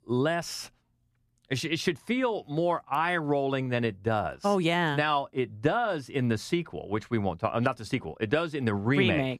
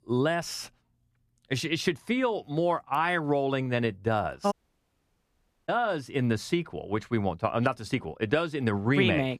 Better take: first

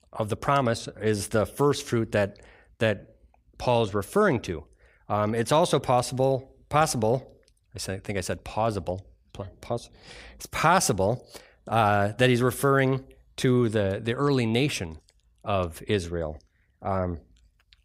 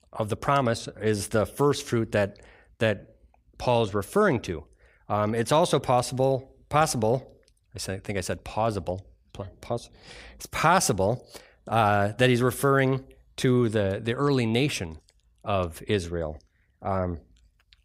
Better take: neither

